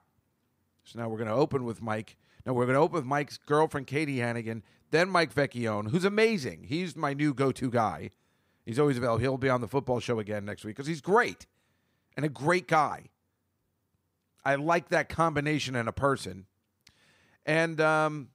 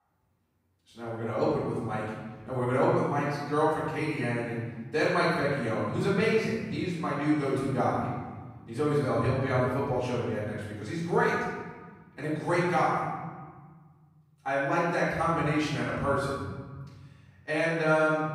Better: first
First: none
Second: off-mic speech; far // room echo; strong; dies away in 1.5 s

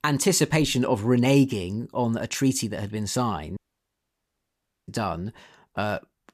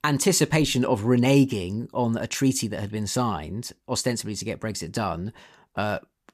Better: second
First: audio cutting out; at 3.5 s for 1.5 s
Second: none

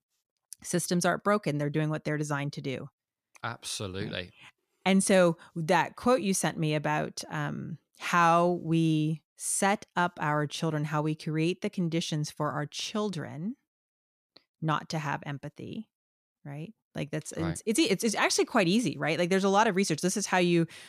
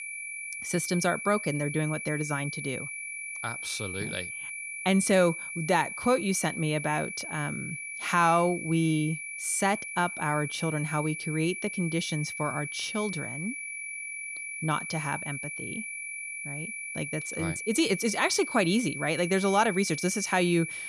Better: first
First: none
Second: high-pitched whine; loud; throughout; 2.5 kHz, 7 dB below the speech

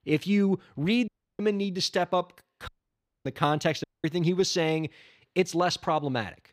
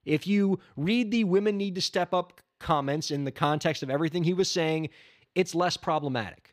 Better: second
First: audio cutting out; at 1 s, at 2.5 s for 0.5 s and at 4 s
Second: none

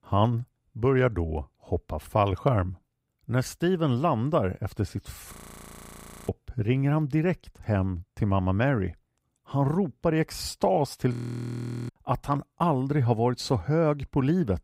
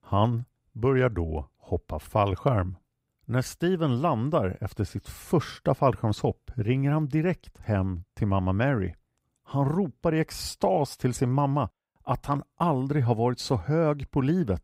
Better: second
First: audio freezing; at 5.5 s for 1 s and at 11 s for 1 s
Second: none

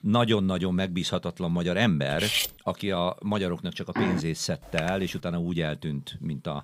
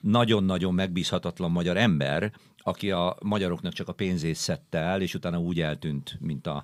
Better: second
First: clattering dishes; loud; at 2 s; peak 3 dB above the speech // door banging; noticeable; at 4 s; peak 2 dB below the speech // keyboard typing; noticeable; at 5 s; peak 7 dB below the speech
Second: none

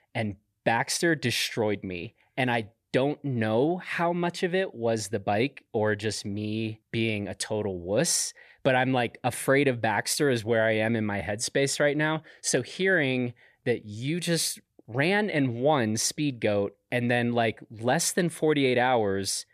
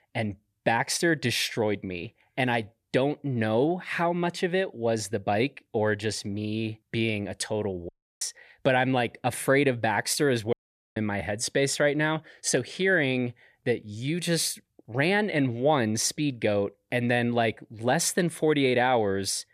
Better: first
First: none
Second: audio cutting out; at 8 s and at 11 s

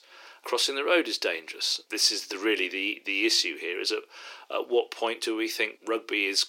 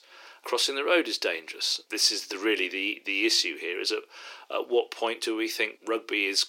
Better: neither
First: thin; very; fading below 350 Hz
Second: thin; very; fading below 350 Hz

